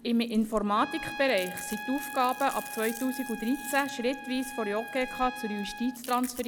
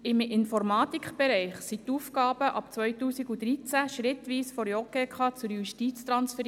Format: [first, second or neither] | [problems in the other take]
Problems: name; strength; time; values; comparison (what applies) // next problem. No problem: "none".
second | background sound (Chewing, mastication + Trumpet); 11 dB below the speech